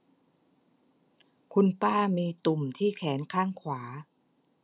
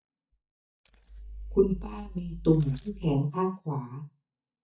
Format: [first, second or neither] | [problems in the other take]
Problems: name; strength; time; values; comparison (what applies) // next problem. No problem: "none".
first | noise reduction (neural mask model DeepFilterNet 3)